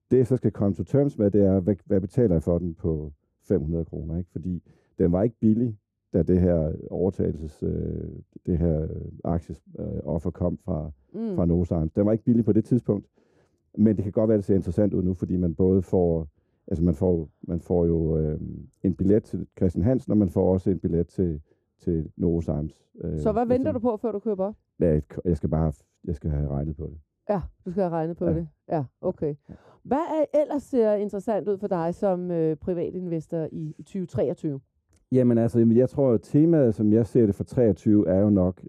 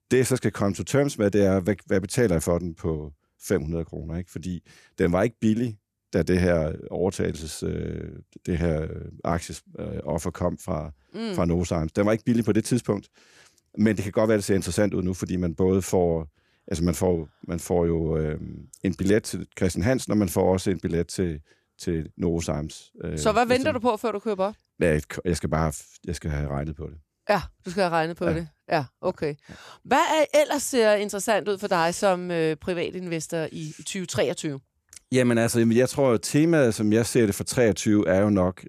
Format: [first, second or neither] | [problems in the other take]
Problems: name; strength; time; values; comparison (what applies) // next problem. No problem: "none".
second | muffled; very; fading above 1 kHz